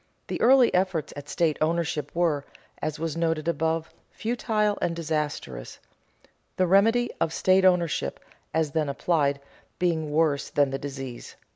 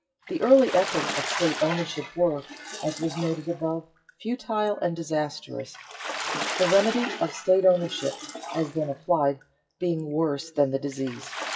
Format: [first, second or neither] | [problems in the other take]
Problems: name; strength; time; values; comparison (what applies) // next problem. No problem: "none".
first | noise reduction (classical method WPE with log-MMSE)